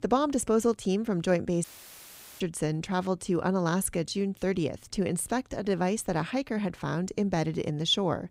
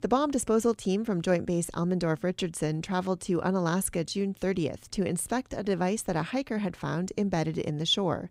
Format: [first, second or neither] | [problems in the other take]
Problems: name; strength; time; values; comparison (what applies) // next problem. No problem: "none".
second | audio cutting out; filled with static; at 1.5 s for 1 s